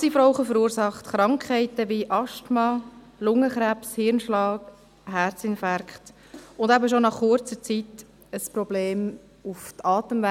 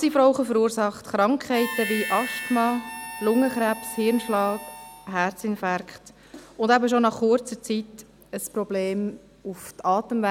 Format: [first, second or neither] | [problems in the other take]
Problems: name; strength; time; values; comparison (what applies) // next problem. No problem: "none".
first | background sound (Harmonica); 10 dB below the speech